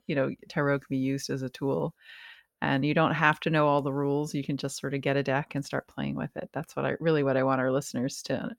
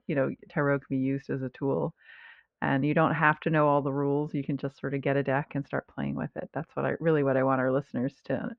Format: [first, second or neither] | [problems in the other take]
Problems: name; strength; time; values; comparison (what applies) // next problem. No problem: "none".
first | muffled; very; fading above 2 kHz